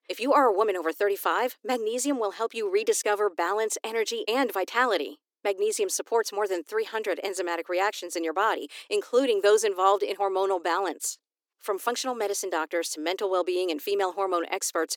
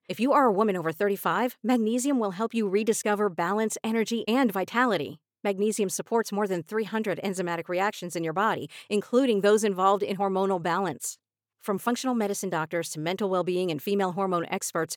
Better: second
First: thin; somewhat; fading below 300 Hz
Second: none

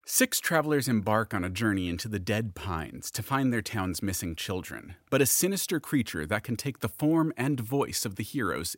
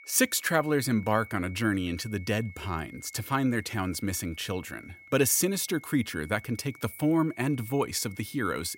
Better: first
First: none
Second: high-pitched whine; noticeable; throughout; 2 kHz, 20 dB below the speech

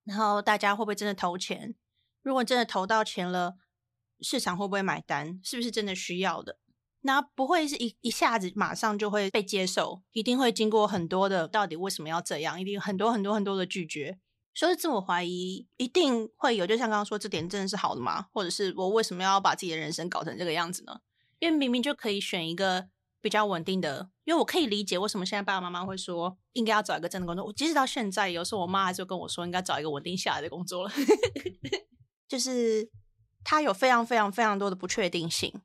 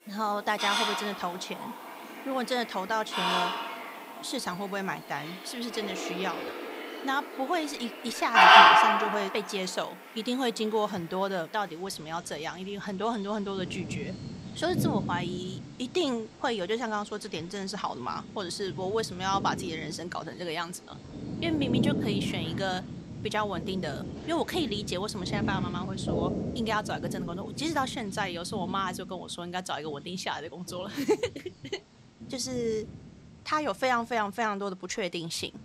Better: first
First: none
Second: animal sounds; very loud; throughout; 5 dB above the speech

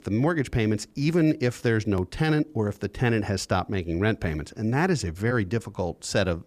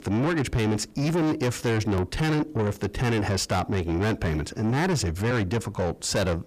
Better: first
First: none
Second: distortion; heavy; 7 dB below the speech

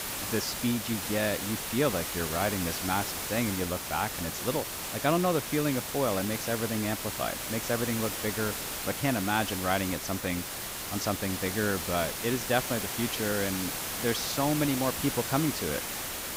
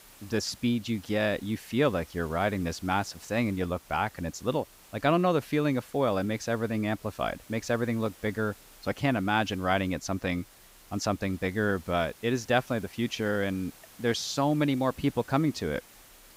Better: second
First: hiss; loud; throughout; 2 dB below the speech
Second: hiss; faint; throughout; 20 dB below the speech

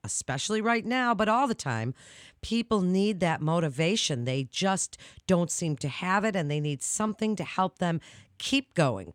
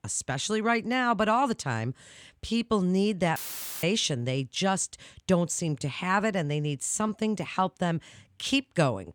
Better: first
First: none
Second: audio cutting out; filled with static; at 3.5 s

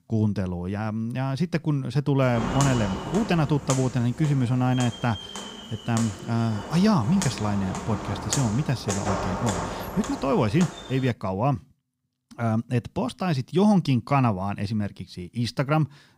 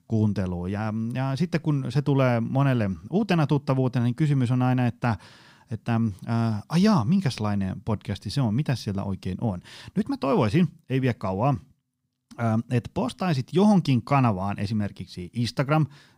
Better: second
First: footsteps; noticeable; from 2.5 to 11 s; peak 2 dB below the speech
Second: none

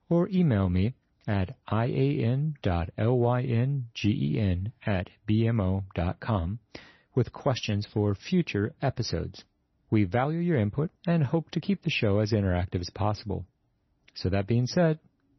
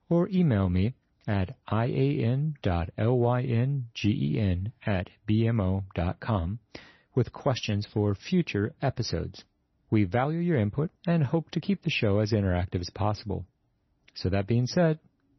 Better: neither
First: garbled, watery; slightly; nothing above 6 kHz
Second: garbled, watery; slightly; nothing above 6 kHz

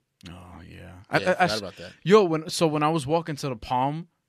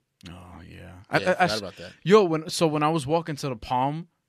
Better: neither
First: none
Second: none

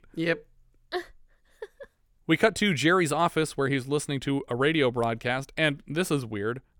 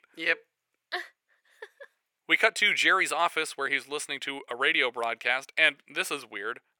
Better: first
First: none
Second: thin; very; fading below 600 Hz

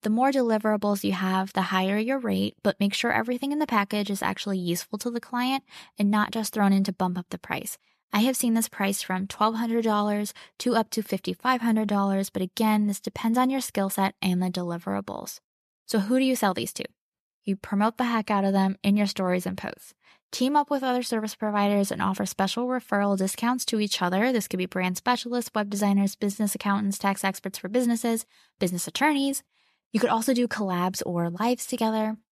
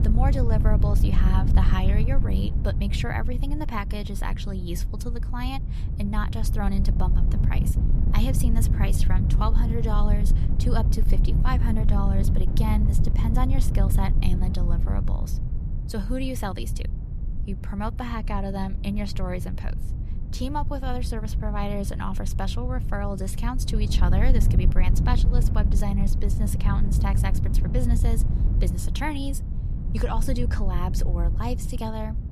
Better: first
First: none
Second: wind noise on the microphone; heavy; 7 dB below the speech

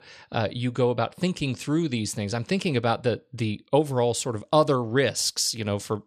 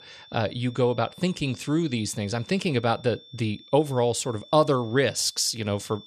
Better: first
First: none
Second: high-pitched whine; faint; throughout; 3.5 kHz, 20 dB below the speech

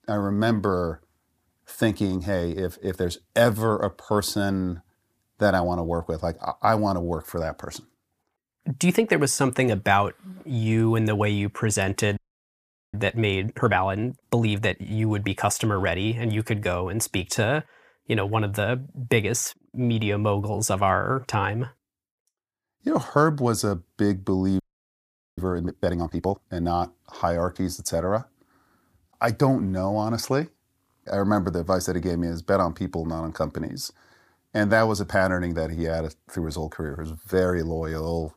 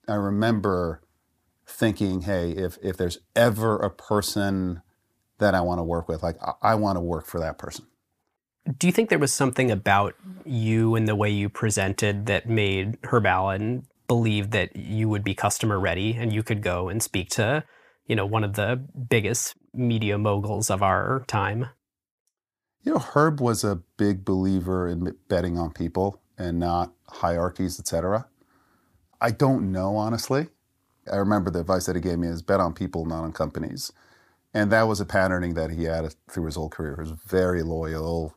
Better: second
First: audio freezing; at 12 s for 1 s and at 25 s for 1 s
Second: none

